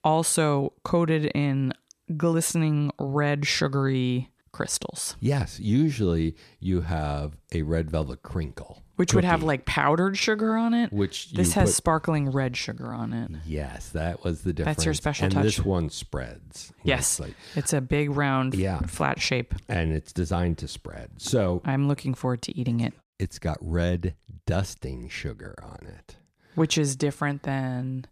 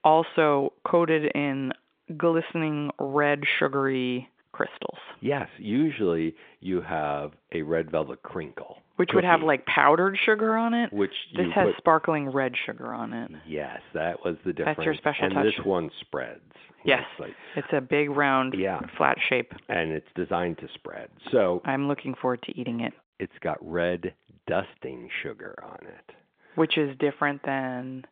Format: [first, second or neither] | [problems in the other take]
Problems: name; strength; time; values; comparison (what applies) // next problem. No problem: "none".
first | phone-call audio